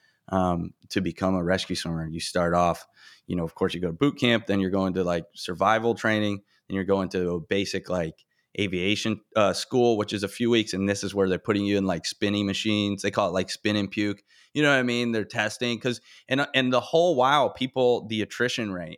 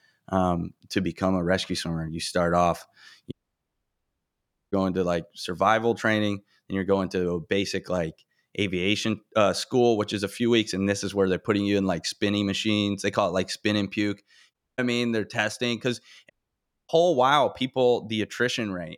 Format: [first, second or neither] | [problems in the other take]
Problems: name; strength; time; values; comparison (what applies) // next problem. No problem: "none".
first | audio cutting out; at 3.5 s for 1.5 s, at 15 s and at 16 s for 0.5 s